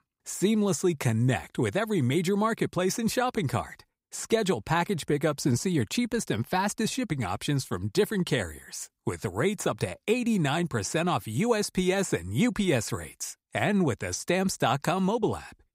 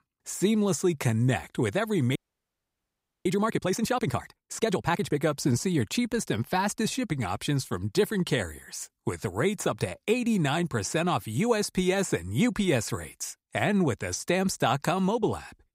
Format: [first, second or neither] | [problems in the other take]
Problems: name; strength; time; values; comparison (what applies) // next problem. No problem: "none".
first | audio freezing; at 2 s for 1 s